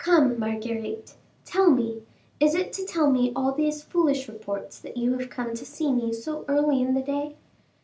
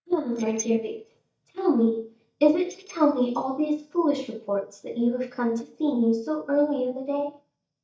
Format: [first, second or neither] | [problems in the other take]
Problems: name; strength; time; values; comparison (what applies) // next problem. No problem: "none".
first | noise reduction (neural mask model DeepFilterNet 3)